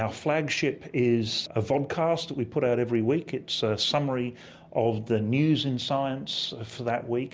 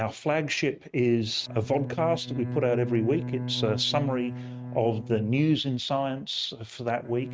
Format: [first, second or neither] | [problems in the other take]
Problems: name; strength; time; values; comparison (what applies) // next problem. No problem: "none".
first | noise reduction (neural mask model RNNoise)